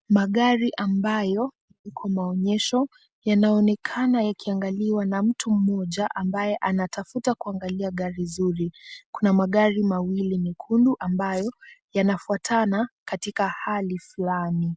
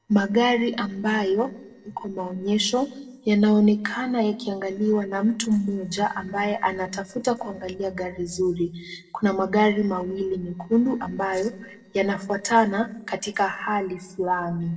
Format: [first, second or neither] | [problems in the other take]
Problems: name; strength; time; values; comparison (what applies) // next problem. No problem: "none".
first | noise reduction (neural separator model SepFormer DNS4)